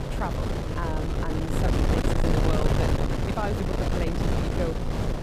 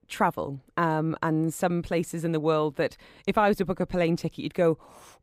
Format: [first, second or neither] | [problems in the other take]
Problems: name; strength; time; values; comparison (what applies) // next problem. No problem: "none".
second | wind noise on the microphone; heavy; 4 dB above the speech